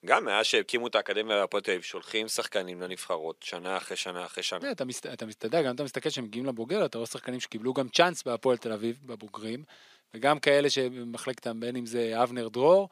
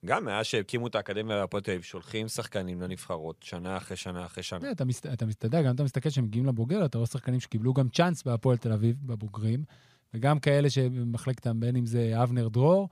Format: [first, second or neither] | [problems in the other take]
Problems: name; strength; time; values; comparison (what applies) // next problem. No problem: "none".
second | thin; somewhat; fading below 300 Hz